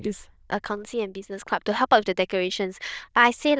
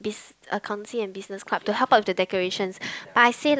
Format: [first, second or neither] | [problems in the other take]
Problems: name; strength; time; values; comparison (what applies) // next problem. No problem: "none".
second | noise reduction (neural diffusion model UNIVERSE++)